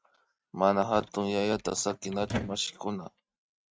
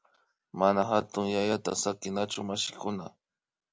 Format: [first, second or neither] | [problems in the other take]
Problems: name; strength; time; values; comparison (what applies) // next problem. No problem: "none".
second | noise reduction (neural mask model RNNoise)